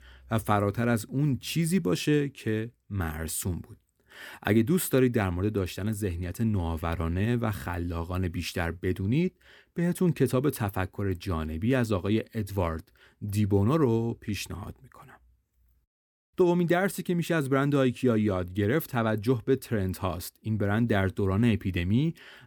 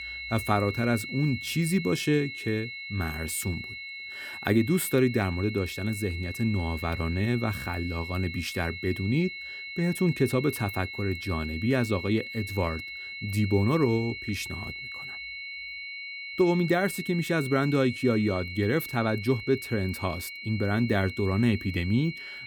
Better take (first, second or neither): first